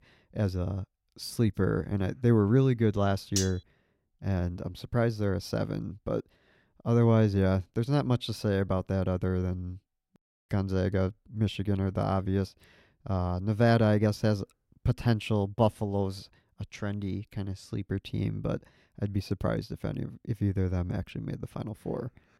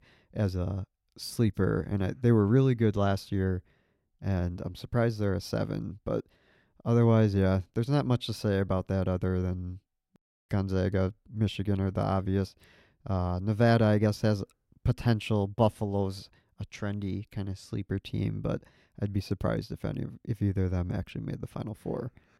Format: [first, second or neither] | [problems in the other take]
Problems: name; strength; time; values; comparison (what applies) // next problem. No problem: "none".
second | clattering dishes; noticeable; at 3.5 s; peak 3 dB below the speech